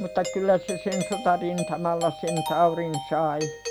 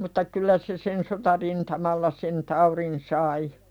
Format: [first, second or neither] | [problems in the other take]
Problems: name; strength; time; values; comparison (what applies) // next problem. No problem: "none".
second | background sound (Doorbell); 9 dB below the speech